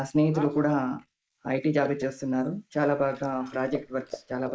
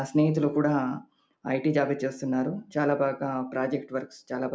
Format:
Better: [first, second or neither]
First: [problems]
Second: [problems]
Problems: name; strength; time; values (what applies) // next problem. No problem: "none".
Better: second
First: noise reduction (neural mask model Resemble Enhance denoiser)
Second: none